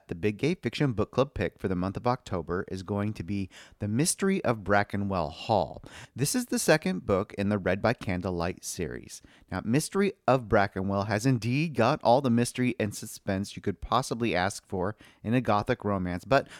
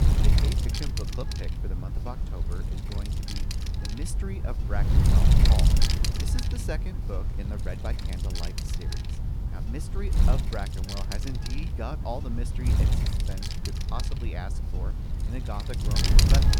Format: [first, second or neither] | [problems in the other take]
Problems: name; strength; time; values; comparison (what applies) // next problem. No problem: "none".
first | wind noise on the microphone; heavy; 4 dB above the speech